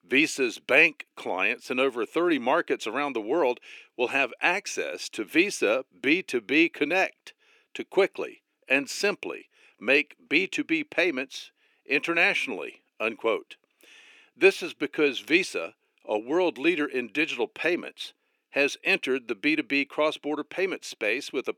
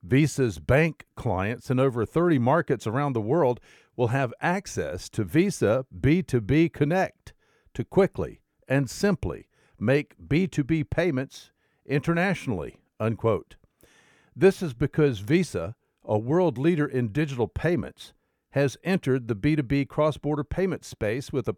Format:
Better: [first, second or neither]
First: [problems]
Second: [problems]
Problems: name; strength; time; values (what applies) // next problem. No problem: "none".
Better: second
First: thin; somewhat; fading below 300 Hz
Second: none